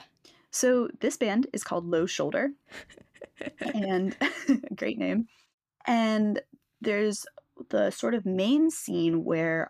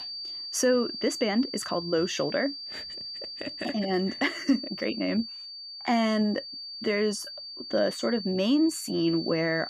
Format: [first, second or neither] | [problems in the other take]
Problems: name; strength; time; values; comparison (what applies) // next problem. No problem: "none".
first | high-pitched whine; loud; throughout; 4.5 kHz, 9 dB below the speech